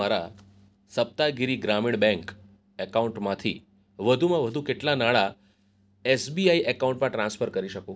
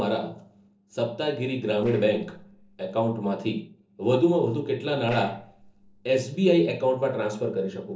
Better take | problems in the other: first | noise reduction (neural separator model SepFormer DNS4)

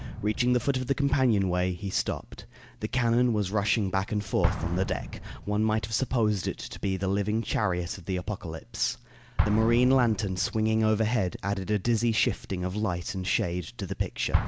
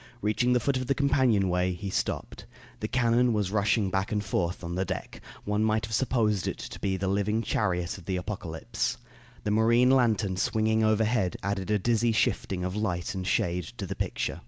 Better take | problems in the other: second | background sound (Explosion); 9 dB below the speech

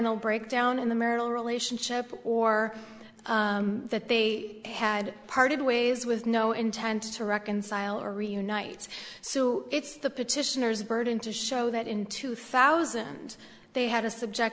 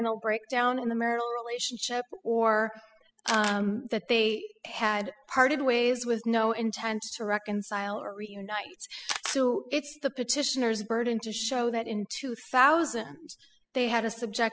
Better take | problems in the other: first | noise reduction (classical method spectral subtraction)

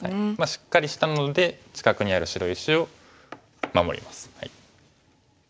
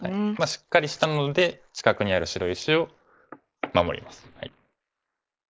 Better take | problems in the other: first | noise reduction (neural mask model Resemble Enhance denoiser)

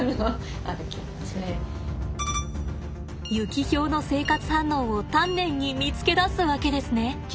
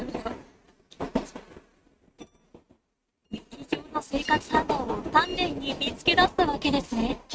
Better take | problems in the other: first | noise reduction (neural mask model RNNoise)

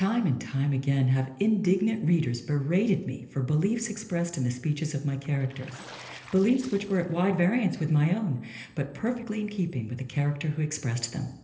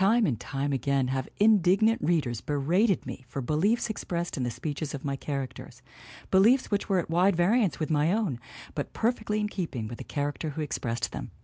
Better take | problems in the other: second | noise reduction (neural separator model SepFormer DNS4)

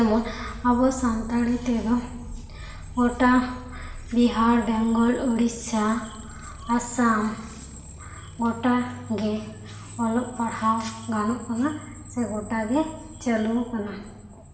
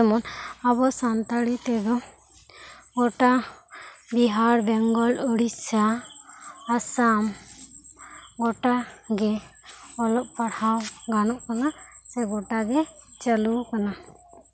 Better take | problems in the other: second | background sound (Motorcycle); 15 dB below the speech // room echo; dies away in 1.2 s

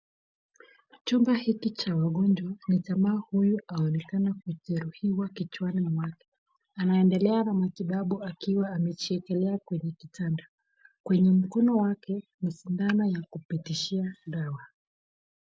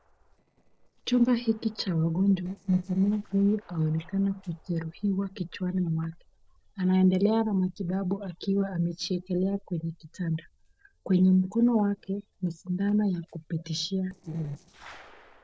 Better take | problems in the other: first | noise reduction (neural separator model SepFormer DNS4)

